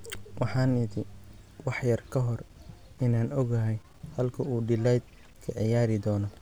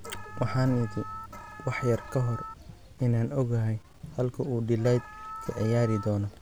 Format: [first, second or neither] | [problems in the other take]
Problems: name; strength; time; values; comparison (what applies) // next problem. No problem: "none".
first | background sound (Alarm); 13 dB below the speech